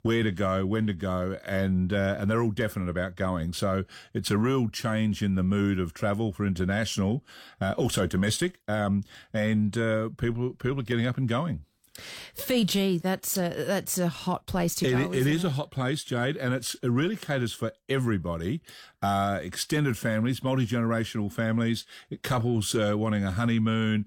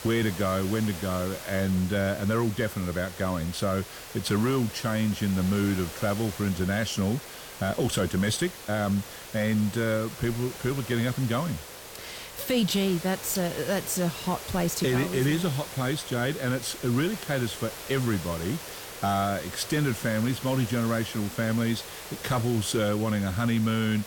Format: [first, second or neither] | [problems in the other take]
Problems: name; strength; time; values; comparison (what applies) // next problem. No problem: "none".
first | hiss; noticeable; throughout; 10 dB below the speech